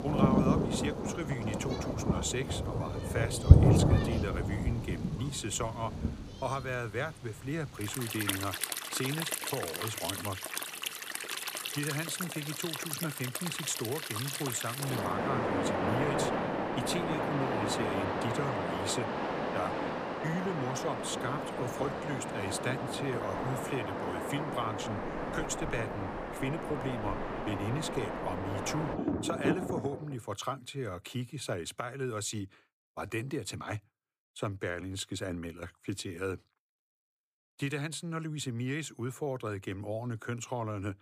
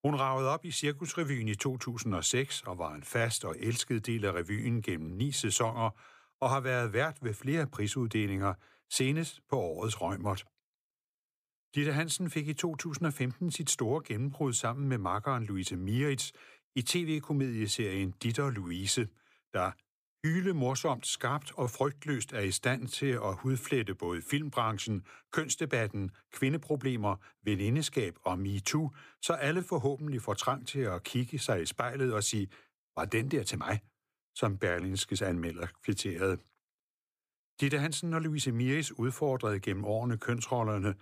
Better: second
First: rain or running water; very loud; until 30 s; 4 dB above the speech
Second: none

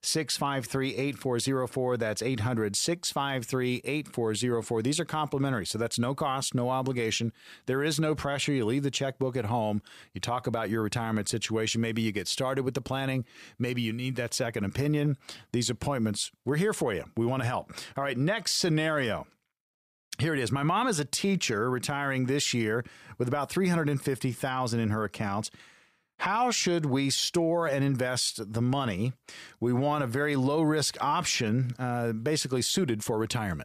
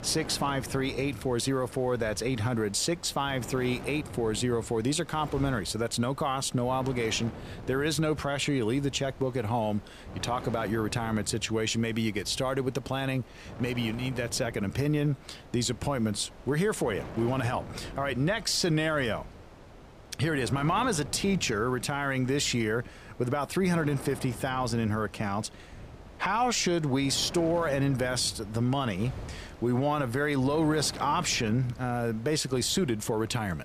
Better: first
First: none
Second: wind noise on the microphone; occasional gusts; 15 dB below the speech

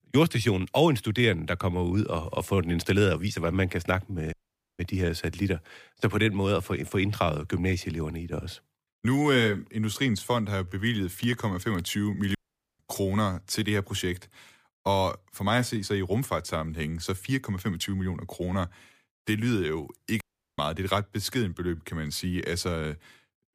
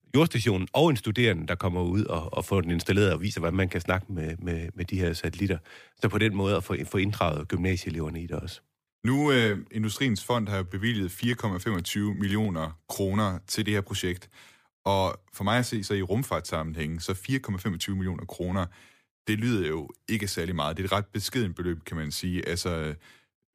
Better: second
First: audio cutting out; at 4.5 s, at 12 s and at 20 s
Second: none

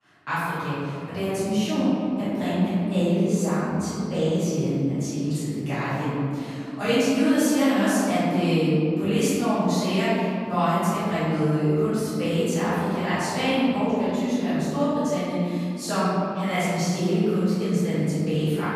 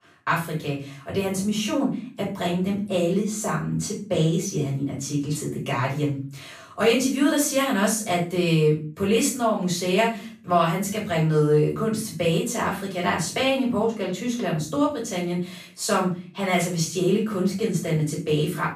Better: second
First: room echo; strong; dies away in 3 s // off-mic speech; far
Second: room echo; slight; dies away in 0.4 s // off-mic speech; far

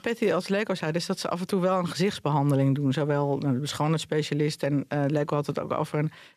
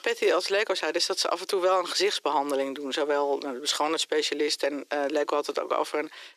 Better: first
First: none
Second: thin; very; fading below 350 Hz

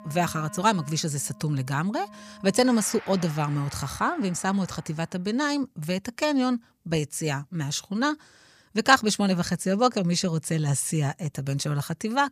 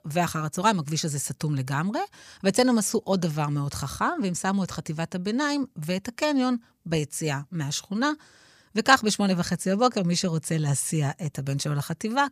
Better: second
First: background music; noticeable; until 5 s; 20 dB below the speech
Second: none

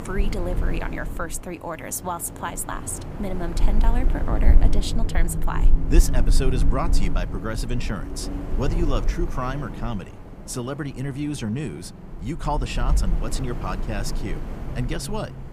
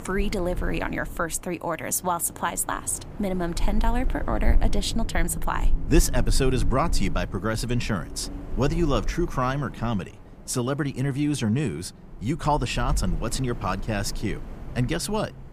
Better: second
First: wind noise on the microphone; heavy; 8 dB below the speech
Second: wind noise on the microphone; occasional gusts; 20 dB below the speech

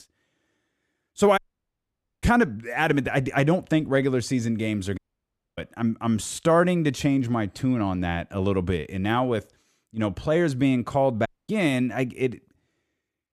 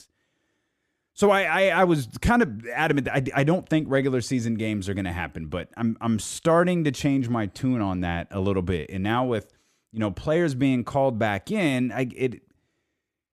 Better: second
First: audio cutting out; at 1.5 s for 1 s, at 5 s for 0.5 s and at 11 s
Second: none

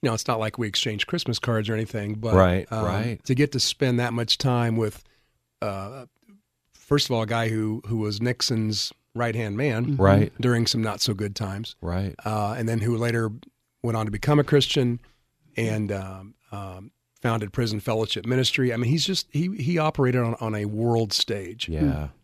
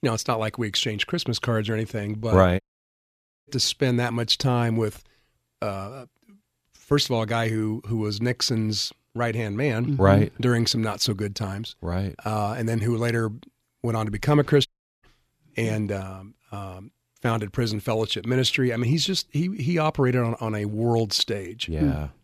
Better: first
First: none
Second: audio cutting out; at 2.5 s for 1 s and at 15 s

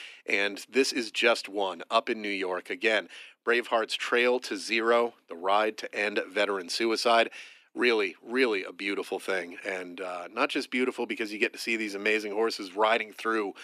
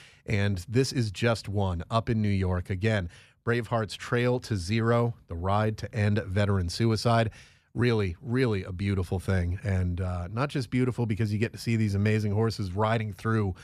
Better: second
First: thin; very; fading below 300 Hz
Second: none

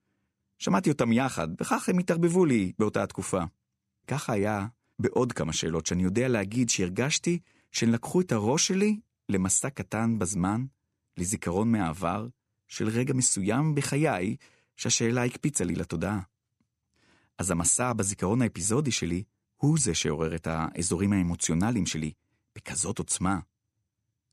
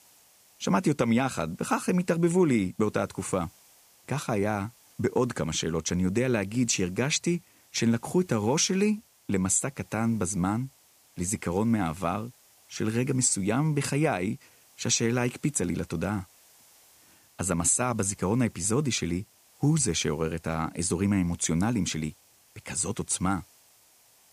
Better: first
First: none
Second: hiss; faint; throughout; 30 dB below the speech

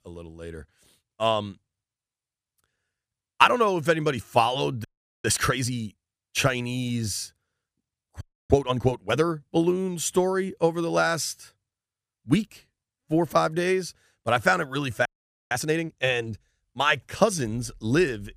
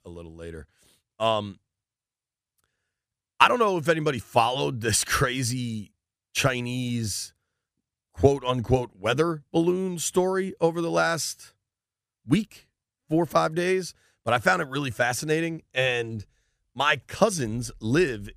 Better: second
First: audio freezing; at 5 s, at 8 s and at 15 s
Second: none

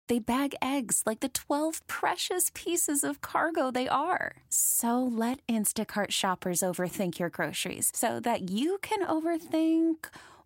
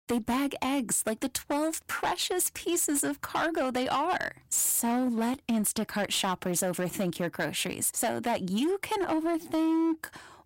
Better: first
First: none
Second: distortion; slight; 13% of the sound clipped

